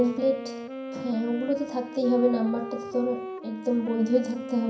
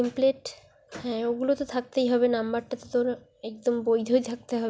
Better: second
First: background sound (Wind instrument, woodwind instrument); 11 dB below the speech // room echo; dies away in 0.5 s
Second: none

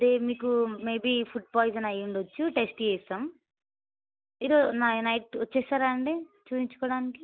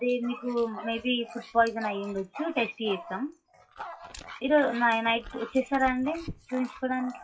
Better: first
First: none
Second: noise reduction (classical method WPE with log-MMSE)

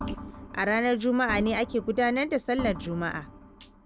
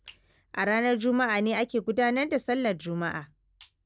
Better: second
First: background sound (Organ); 12 dB below the speech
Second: none

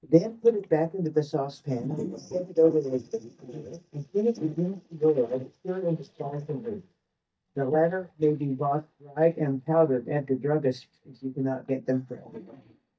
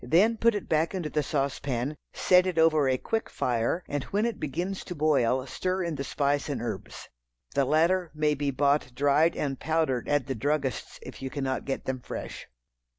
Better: second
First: noise reduction (neural mask model DeepFilterNet 3)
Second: none

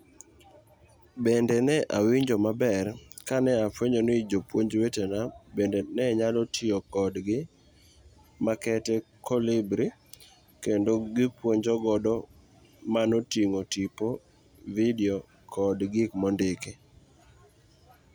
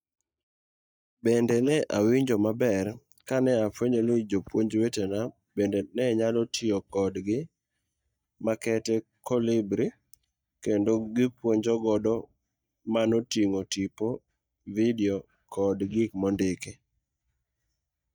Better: first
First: none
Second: noise reduction (neural mask model DeepFilterNet 3)

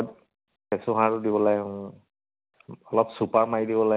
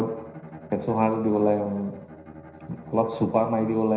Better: first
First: none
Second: background sound (Bowed string instrument); 16 dB below the speech // room echo; dies away in 0.9 s

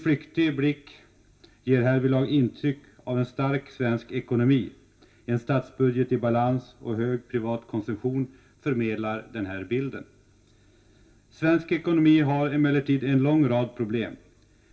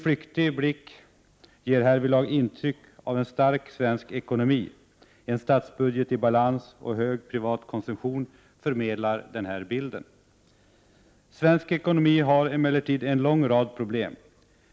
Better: second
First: room echo; dies away in 0.2 s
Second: none

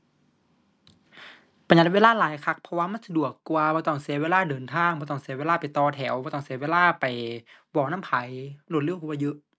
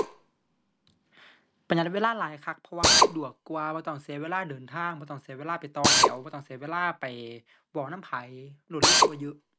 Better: first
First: none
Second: background sound (Drill); 5 dB above the speech

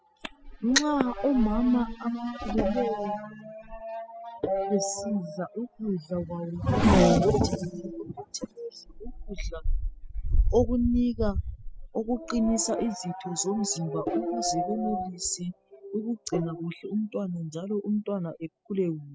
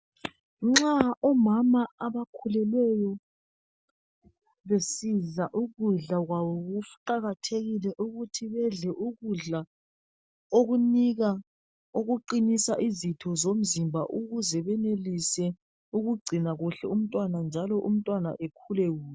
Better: second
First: noise reduction (classical method spectral subtraction)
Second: none

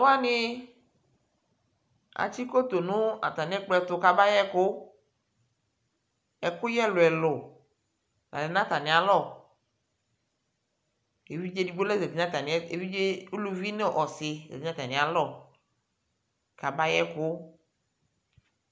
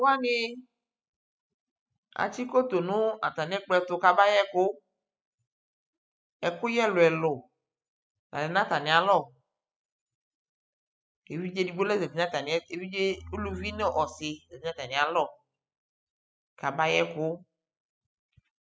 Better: first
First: none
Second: noise reduction (classical method spectral subtraction)

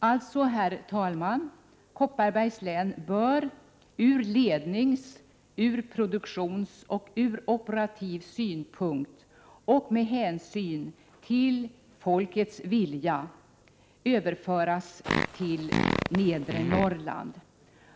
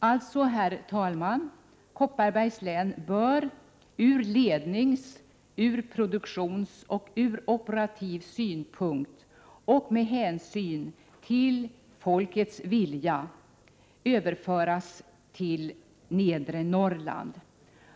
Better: second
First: background sound (Fart); 1 dB below the speech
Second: none

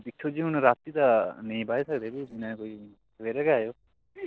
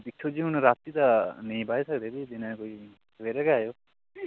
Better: second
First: noise reduction (neural separator model SepFormer DNS4)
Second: none

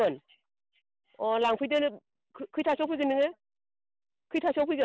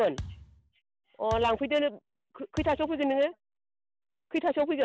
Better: first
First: none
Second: background sound (Thump, thud); 14 dB below the speech

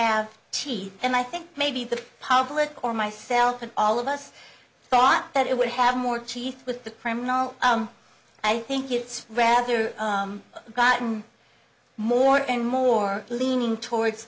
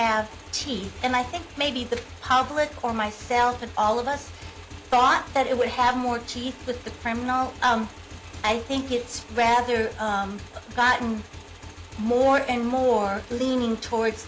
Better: first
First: none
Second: background sound (Motorcycle / Engine); 16 dB below the speech

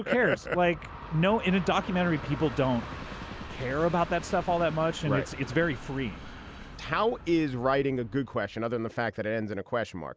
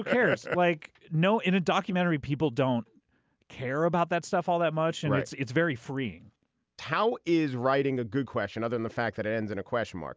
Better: second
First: background sound (Train); 13 dB below the speech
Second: none

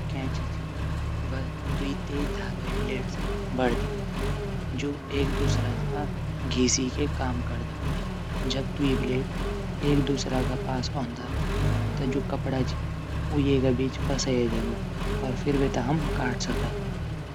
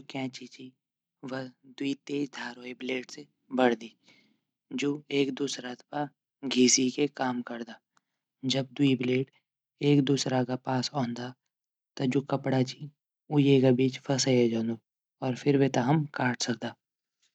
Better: second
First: background sound (Accelerating, revving, vroom); 2 dB above the speech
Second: none

